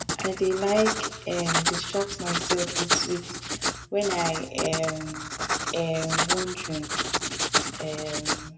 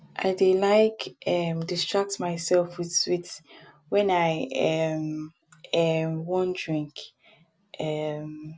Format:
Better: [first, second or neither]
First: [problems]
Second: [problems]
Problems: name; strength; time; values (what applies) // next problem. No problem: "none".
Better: second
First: background sound (Writing); as loud as the speech // room echo; dies away in 0.8 s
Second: none